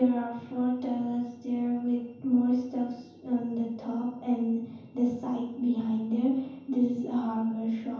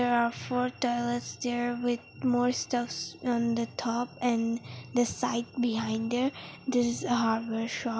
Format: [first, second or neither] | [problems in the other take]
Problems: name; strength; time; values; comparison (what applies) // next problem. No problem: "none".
second | room echo; dies away in 0.9 s